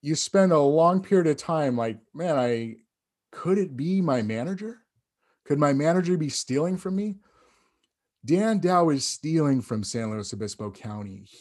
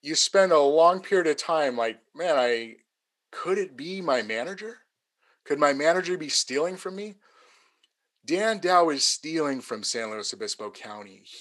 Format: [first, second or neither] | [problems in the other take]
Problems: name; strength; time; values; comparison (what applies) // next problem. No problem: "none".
first | thin; somewhat; fading below 500 Hz